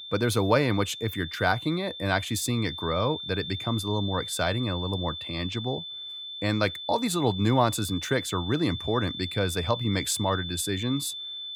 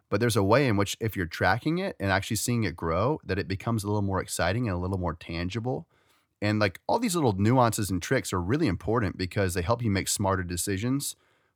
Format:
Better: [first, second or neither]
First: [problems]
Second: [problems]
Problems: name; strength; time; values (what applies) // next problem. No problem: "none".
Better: second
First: high-pitched whine; loud; throughout; 3.5 kHz, 7 dB below the speech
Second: none